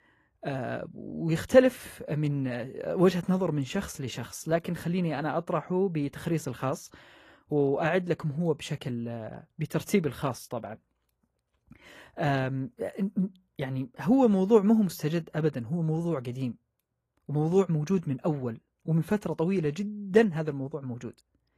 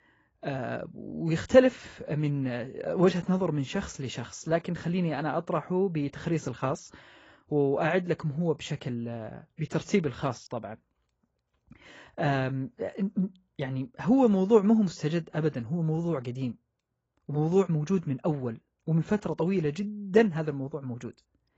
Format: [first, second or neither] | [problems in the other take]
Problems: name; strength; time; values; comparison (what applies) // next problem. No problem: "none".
first | garbled, watery; badly; nothing above 7.5 kHz; slightly in the first